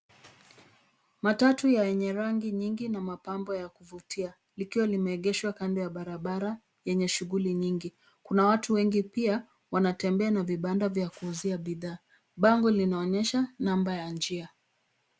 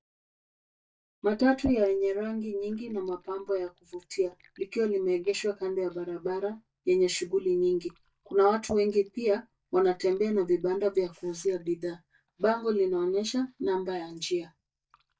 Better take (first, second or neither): first